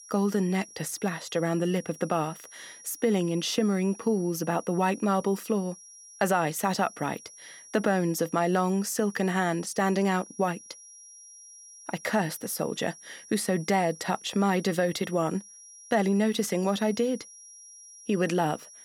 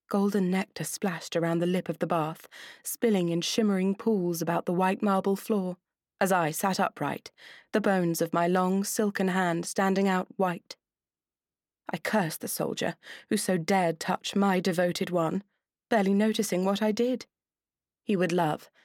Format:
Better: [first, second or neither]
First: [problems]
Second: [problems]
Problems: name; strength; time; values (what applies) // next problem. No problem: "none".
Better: second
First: high-pitched whine; noticeable; throughout; 5.5 kHz, 20 dB below the speech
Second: none